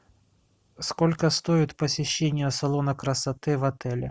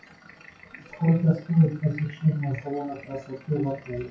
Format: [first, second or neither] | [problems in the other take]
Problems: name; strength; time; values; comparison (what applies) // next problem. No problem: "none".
first | noise reduction (classical method WPE with log-MMSE)